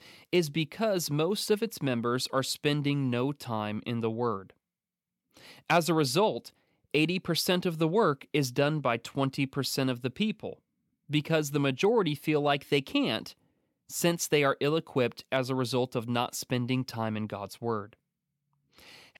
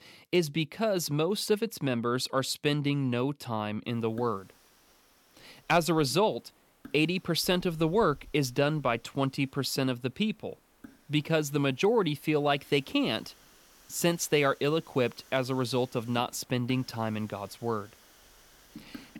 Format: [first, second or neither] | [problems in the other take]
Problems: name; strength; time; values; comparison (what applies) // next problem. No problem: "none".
first | hiss; faint; from 4 s on; 25 dB below the speech